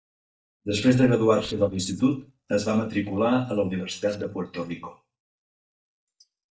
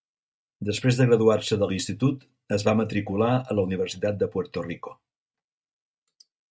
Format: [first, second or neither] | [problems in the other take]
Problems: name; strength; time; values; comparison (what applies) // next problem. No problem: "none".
second | noise reduction (neural mask model DeepFilterNet 3)